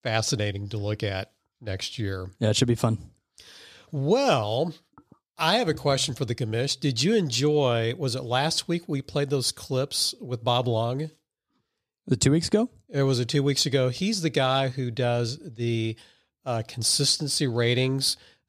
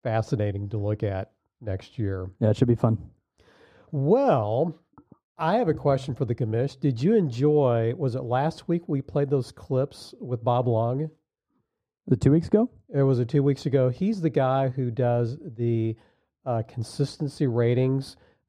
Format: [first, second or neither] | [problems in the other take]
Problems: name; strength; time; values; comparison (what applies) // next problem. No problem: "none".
first | muffled; very; fading above 2 kHz